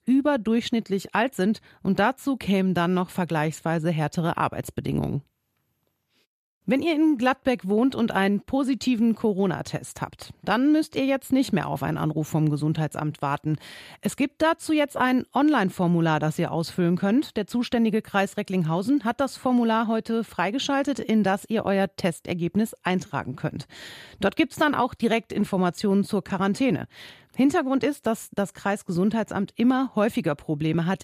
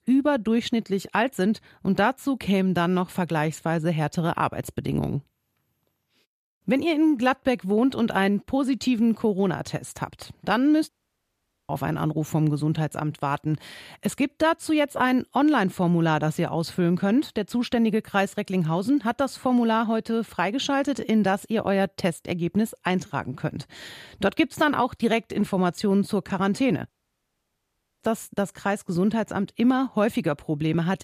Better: first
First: none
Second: audio cutting out; at 11 s for 1 s and at 27 s for 1 s

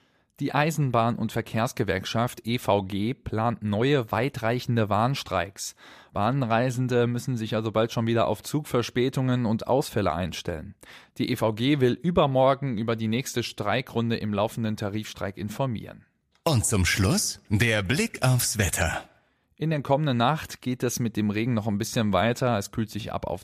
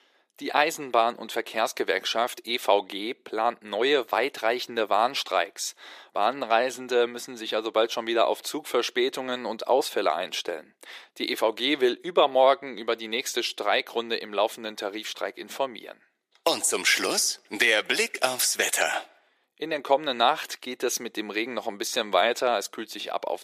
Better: first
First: none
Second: thin; very; fading below 350 Hz

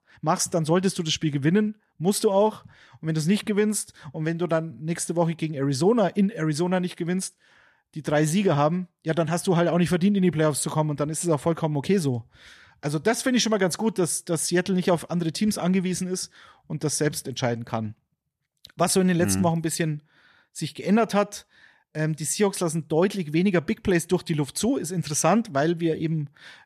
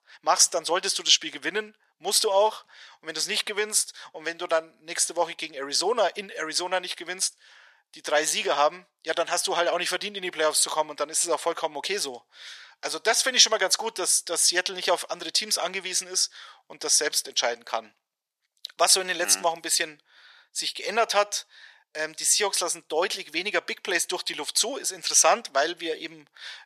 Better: first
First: none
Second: thin; very; fading below 550 Hz

